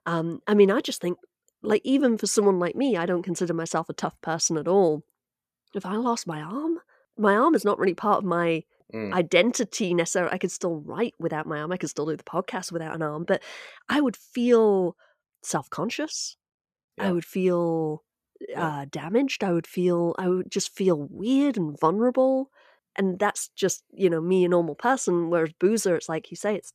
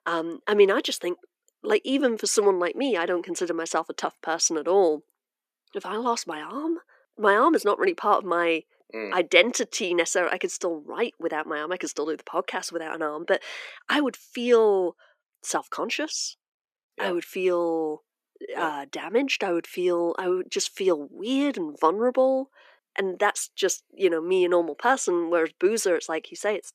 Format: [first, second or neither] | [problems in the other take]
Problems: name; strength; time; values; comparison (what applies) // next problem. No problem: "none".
first | thin; very slightly; fading below 300 Hz